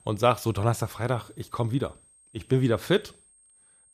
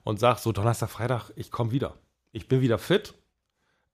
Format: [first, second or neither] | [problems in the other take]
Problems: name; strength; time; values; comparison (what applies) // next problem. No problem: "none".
second | high-pitched whine; faint; throughout; 8.5 kHz, 30 dB below the speech